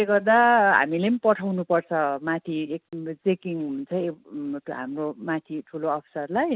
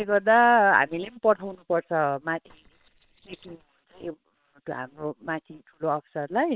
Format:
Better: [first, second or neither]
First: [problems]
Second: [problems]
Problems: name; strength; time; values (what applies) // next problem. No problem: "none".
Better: first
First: none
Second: noise reduction (neural separator model SepFormer WHAM!)